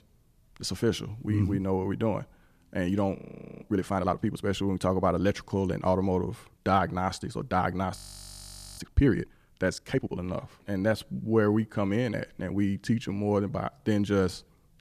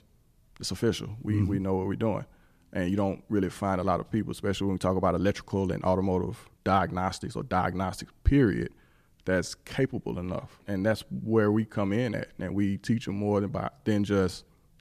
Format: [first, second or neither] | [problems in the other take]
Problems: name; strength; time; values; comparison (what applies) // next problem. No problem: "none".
second | audio freezing; at 3 s and at 8 s for 1 s